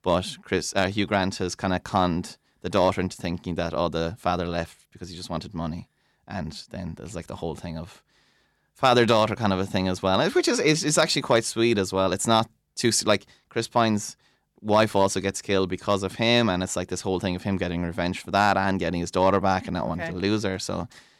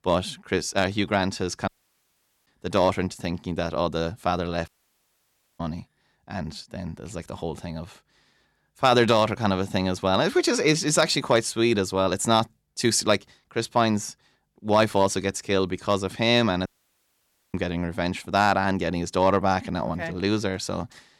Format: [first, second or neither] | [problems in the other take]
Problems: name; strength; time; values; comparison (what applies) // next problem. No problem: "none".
first | audio cutting out; at 1.5 s for 1 s, at 4.5 s for 1 s and at 17 s for 1 s